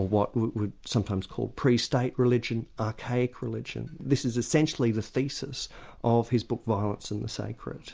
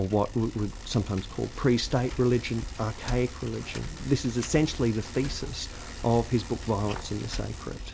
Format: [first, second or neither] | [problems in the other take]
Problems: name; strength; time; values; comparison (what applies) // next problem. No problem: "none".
first | background sound (Bicycle); 10 dB below the speech